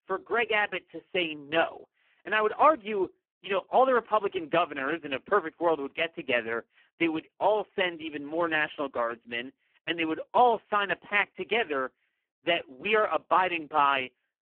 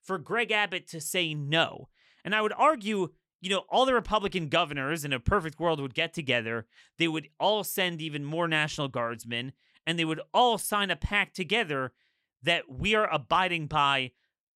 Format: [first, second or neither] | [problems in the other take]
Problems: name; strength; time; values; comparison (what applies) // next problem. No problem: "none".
second | phone-call audio; poor line